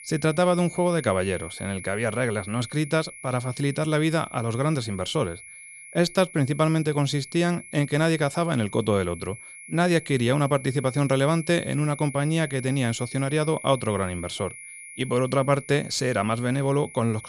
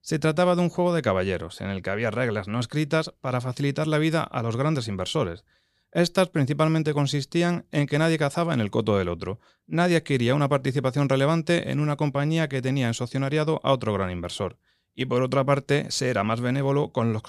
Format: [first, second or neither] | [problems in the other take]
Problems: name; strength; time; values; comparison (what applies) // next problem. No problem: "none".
second | high-pitched whine; noticeable; throughout; 2 kHz, 15 dB below the speech